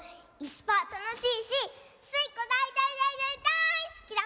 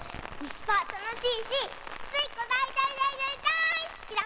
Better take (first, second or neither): first